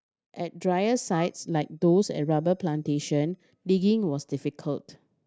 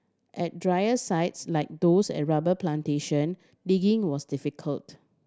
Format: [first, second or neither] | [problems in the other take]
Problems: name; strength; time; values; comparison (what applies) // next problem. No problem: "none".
second | noise reduction (neural mask model DeepFilterNet 3)